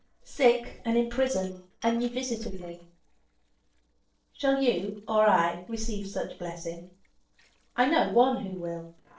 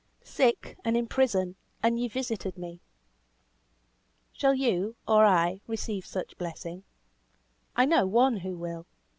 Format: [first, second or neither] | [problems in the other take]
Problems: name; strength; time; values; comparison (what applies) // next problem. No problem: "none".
second | noise reduction (neural separator model SepFormer DNS4)